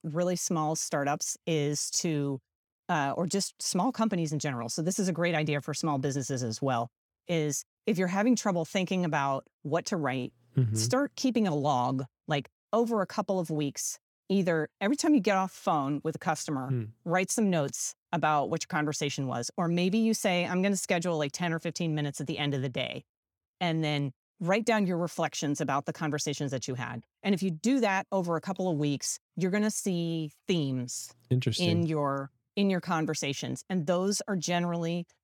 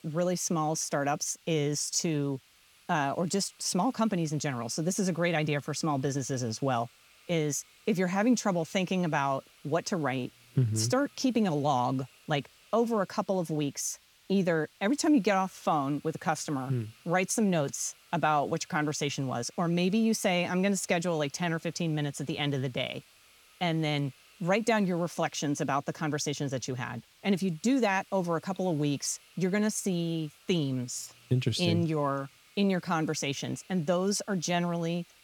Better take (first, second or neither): first